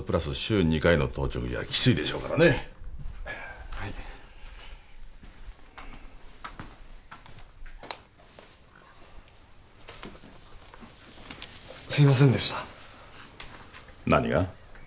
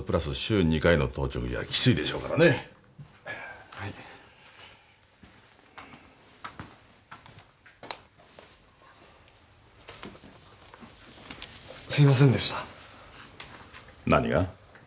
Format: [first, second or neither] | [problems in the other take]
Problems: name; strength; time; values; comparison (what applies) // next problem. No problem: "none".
second | background sound (Gull, seagull); 14 dB below the speech